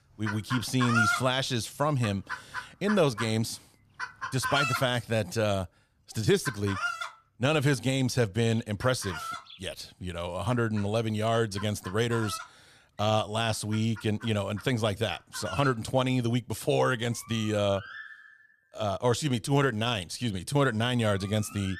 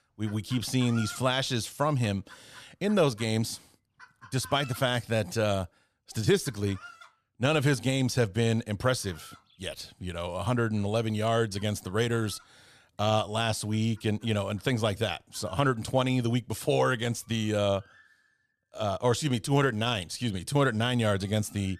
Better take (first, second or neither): second